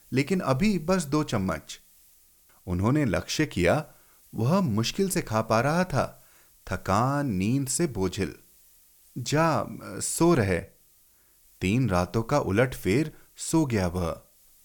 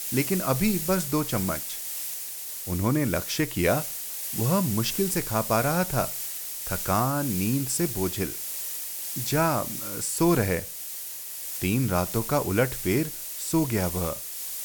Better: first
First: hiss; faint; throughout; 30 dB below the speech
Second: hiss; loud; throughout; 4 dB below the speech

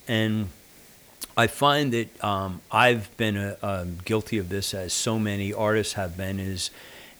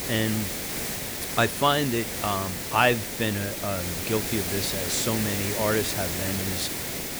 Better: first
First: hiss; faint; throughout; 25 dB below the speech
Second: hiss; loud; throughout; 2 dB below the speech

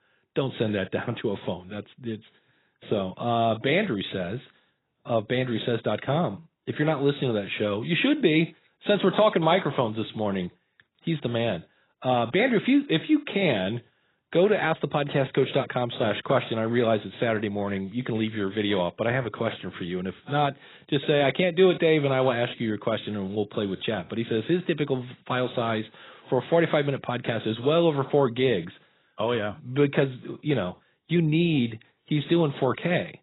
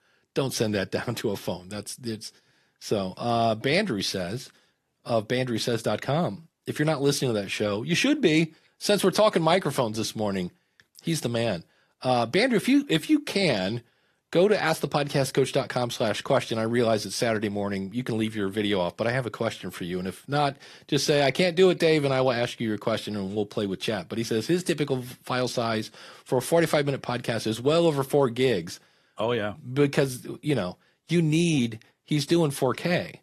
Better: second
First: garbled, watery; badly; nothing above 4 kHz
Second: garbled, watery; slightly; nothing above 13.5 kHz

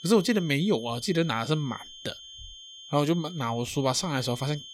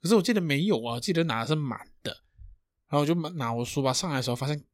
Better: second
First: high-pitched whine; noticeable; throughout; 3 kHz, 15 dB below the speech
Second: none

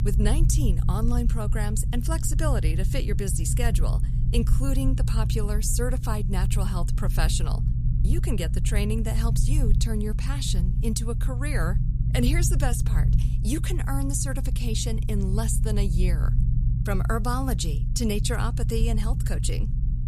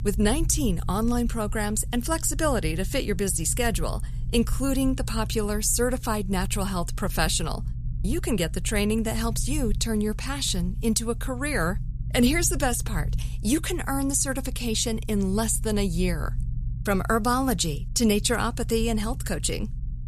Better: second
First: low rumble; loud; throughout; 8 dB below the speech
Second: low rumble; faint; throughout; 20 dB below the speech

